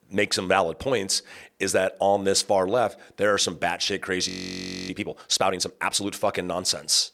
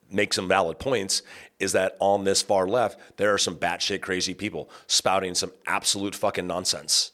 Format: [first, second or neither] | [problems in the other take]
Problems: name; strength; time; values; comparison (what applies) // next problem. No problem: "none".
second | audio freezing; at 4.5 s for 0.5 s